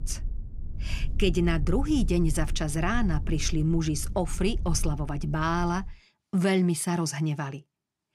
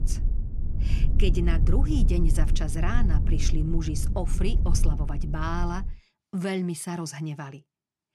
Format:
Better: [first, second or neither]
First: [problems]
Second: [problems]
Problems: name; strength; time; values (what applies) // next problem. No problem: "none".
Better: first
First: low rumble; faint; until 6 s; 20 dB below the speech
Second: low rumble; loud; until 6 s; 9 dB below the speech